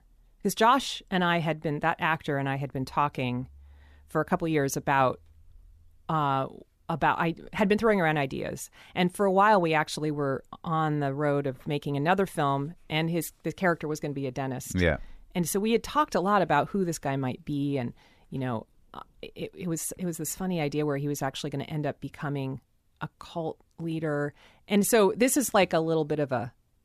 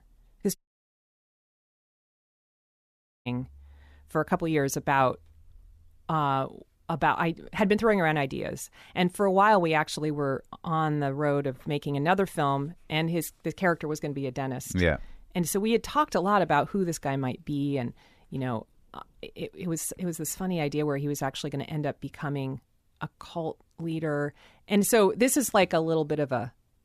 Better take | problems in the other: first | audio cutting out; at 0.5 s for 2.5 s

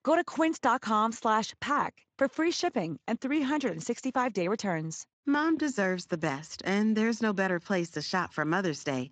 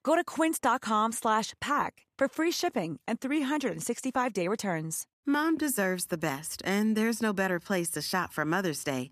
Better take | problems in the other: second | garbled, watery; slightly; nothing above 7.5 kHz

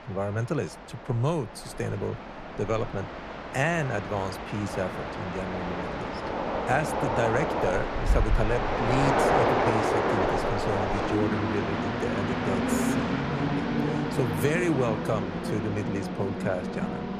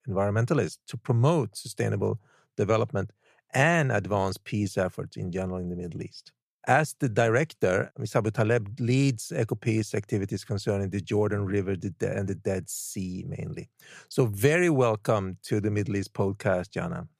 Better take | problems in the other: second | train or aircraft noise; very loud; throughout; 2 dB above the speech

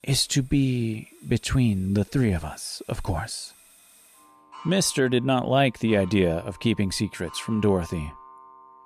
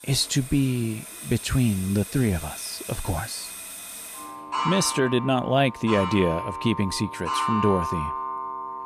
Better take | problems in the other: first | household noises; loud; throughout; 7 dB below the speech; faint in the first

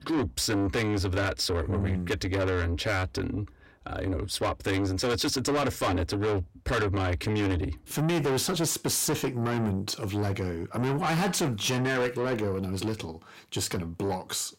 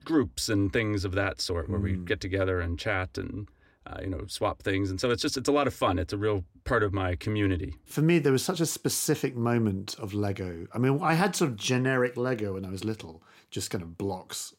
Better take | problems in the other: second | distortion; heavy; 6 dB below the speech

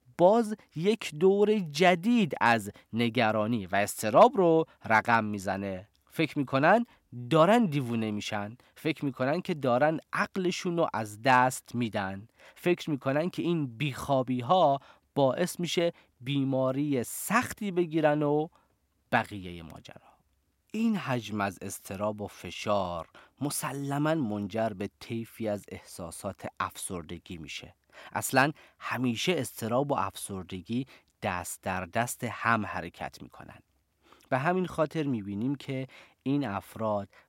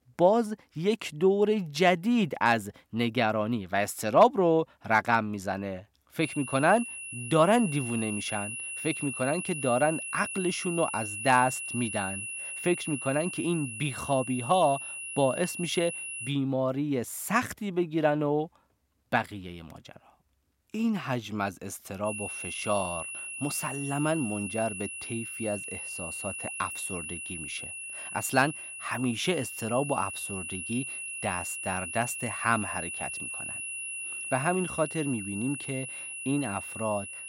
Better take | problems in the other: first | high-pitched whine; loud; from 6 to 16 s and from 22 s on; 2.5 kHz, 7 dB below the speech

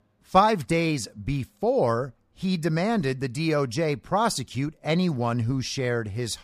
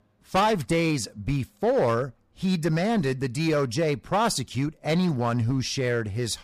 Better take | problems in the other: first | distortion; slight; 7% of the sound clipped

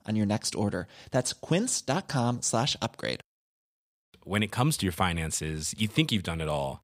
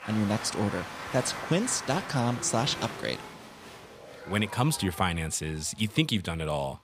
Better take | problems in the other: first | crowd noise; noticeable; throughout; 10 dB below the speech

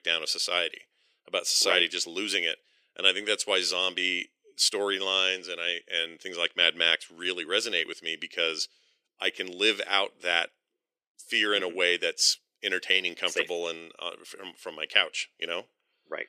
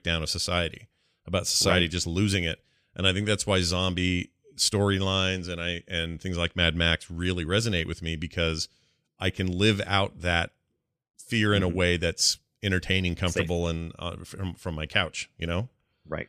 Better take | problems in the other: second | thin; very; fading below 350 Hz

